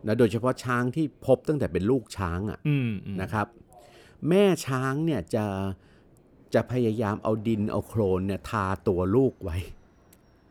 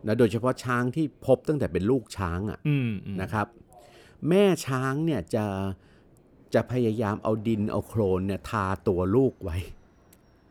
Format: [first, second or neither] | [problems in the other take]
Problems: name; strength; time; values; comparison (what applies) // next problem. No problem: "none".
neither | train or aircraft noise; faint; throughout; 30 dB below the speech; the same in both